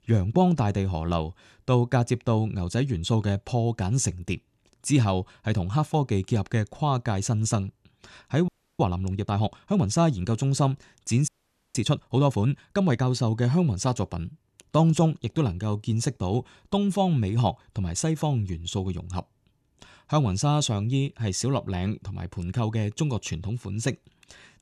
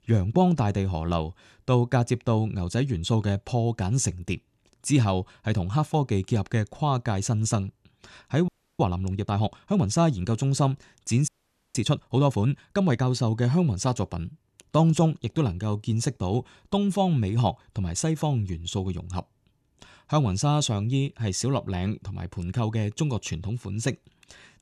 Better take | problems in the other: neither | audio freezing; at 8.5 s and at 11 s; the same in both

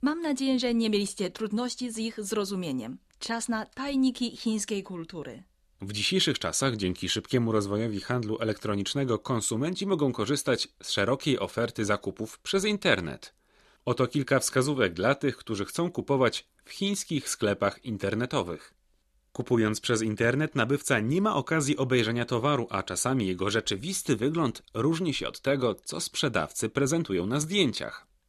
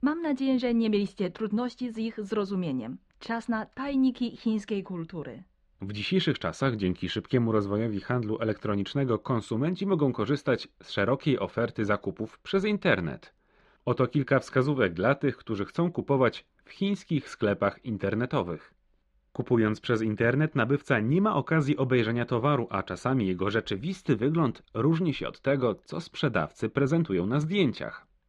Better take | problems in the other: first | muffled; slightly; fading above 2.5 kHz

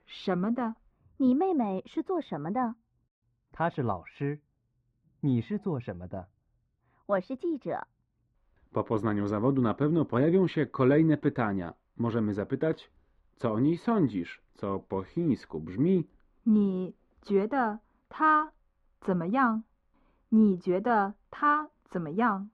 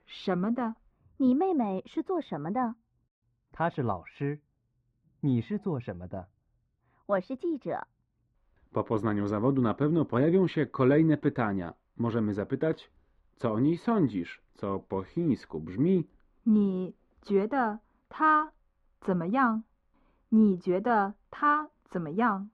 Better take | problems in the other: neither | muffled; very; fading above 4 kHz; the same in both

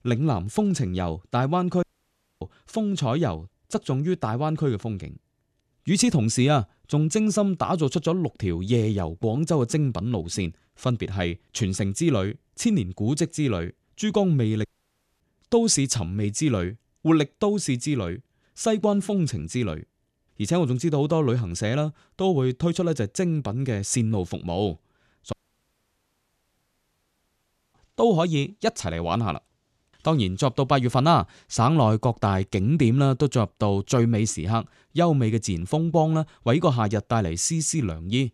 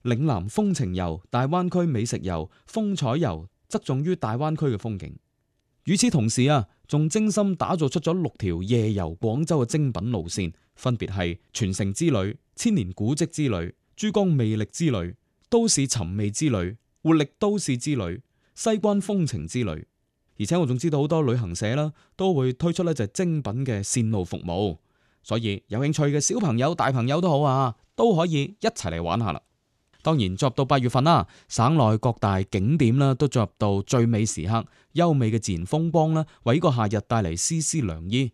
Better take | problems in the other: second | audio cutting out; at 2 s for 0.5 s, at 15 s for 0.5 s and at 25 s for 2.5 s

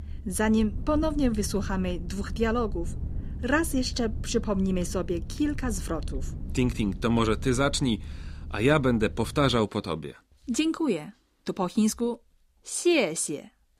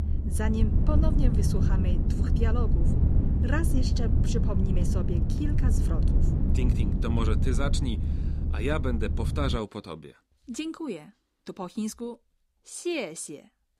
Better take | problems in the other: first | low rumble; loud; until 9.5 s; 3 dB below the speech; faint in the first

